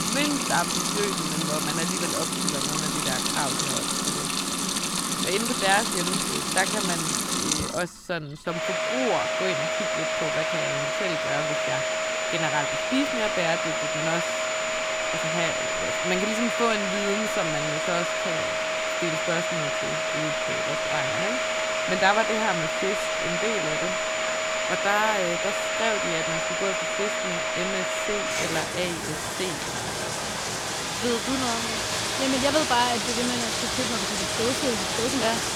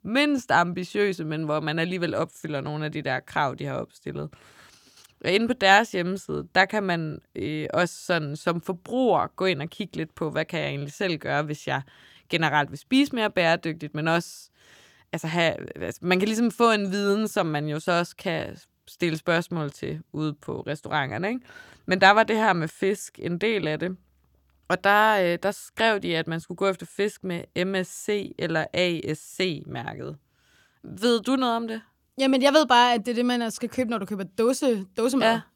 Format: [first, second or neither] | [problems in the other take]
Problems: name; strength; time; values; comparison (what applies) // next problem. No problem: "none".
second | household noises; very loud; throughout; 4 dB above the speech